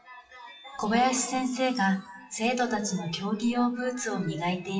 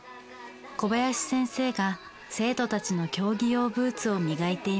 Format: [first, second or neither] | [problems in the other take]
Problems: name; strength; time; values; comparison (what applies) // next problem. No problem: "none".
second | noise reduction (classical method WPE with log-MMSE)